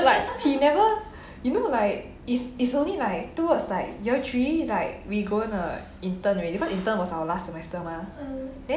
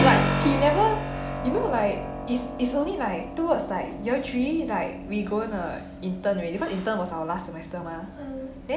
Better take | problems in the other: first | background sound (Keyboard (musical)); 4 dB below the speech

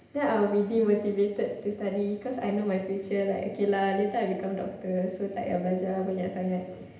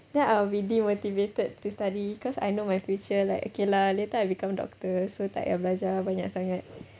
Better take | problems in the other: second | room echo; dies away in 0.8 s

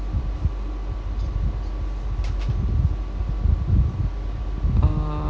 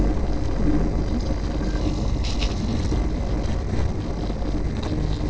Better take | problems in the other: first | noise reduction (neural separator model SepFormer DNS4)

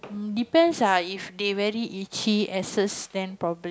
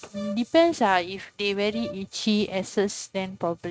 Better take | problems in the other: first | noise reduction (neural mask model RNNoise)

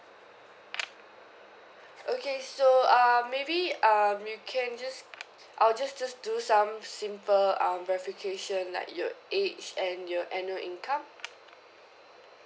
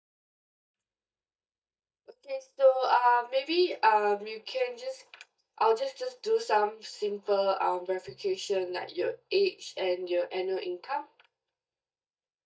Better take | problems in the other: first | noise reduction (neural mask model DeepFilterNet 3)

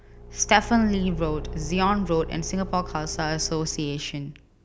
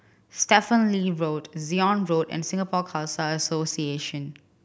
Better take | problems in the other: second | background sound (Engine / Car); 10 dB below the speech

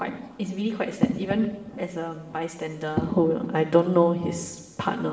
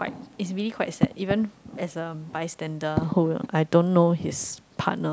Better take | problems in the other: second | room echo; dies away in 1.1 s

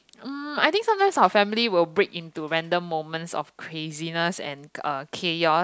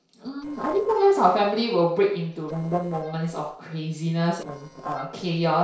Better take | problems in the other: first | noise reduction (neural separator model SepFormer DNS4)

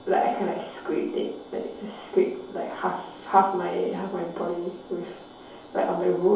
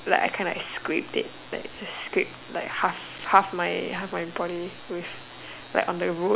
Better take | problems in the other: second | room echo; dies away in 2.8 s

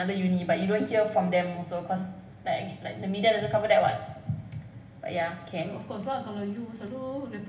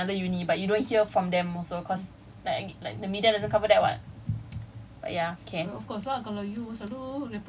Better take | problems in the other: second | room echo; dies away in 1 s

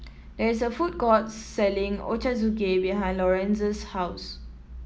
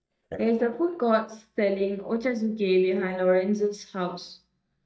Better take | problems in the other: first | noise reduction (neural mask model DeepFilterNet 3)

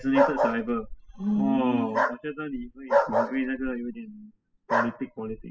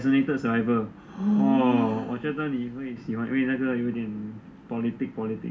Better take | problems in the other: second | noise reduction (classical method spectral subtraction)

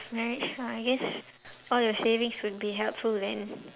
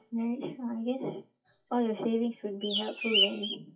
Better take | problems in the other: first | noise reduction (classical method WPE with log-MMSE)

